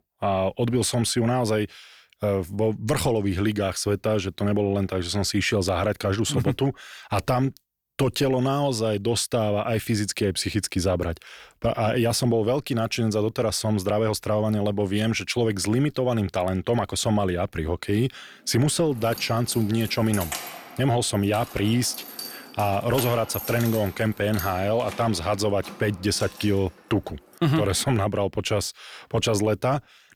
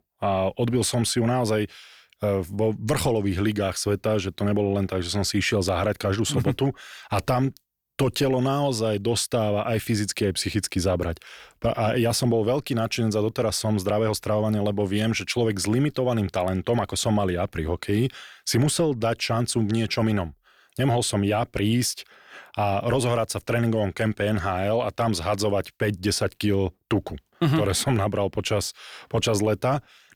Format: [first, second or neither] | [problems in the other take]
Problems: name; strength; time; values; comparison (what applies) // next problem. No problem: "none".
second | jangling keys; noticeable; from 19 to 26 s; peak 6 dB below the speech